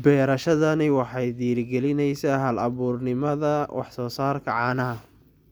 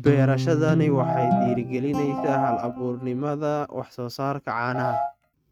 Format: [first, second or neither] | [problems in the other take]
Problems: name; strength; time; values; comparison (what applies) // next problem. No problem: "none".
first | noise reduction (neural mask model RNNoise)